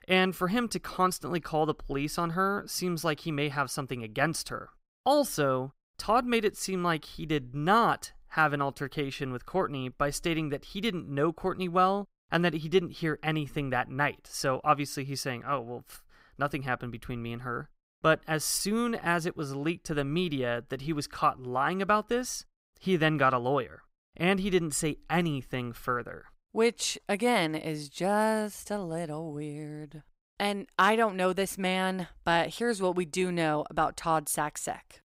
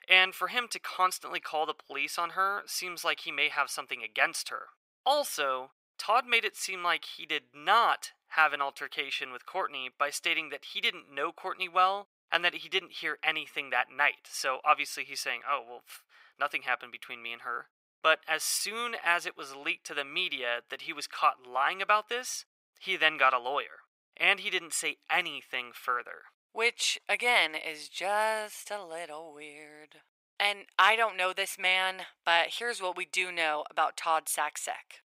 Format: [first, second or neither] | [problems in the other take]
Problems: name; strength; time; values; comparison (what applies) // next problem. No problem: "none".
first | thin; very; fading below 750 Hz